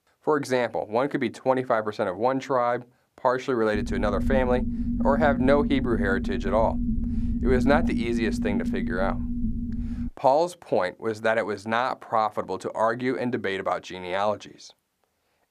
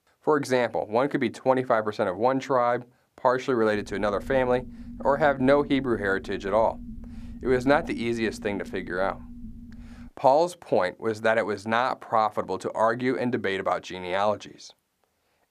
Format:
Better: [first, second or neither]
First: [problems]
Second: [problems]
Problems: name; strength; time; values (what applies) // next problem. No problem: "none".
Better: second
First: low rumble; loud; from 4 to 10 s; 10 dB below the speech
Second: low rumble; faint; from 4 to 10 s; 25 dB below the speech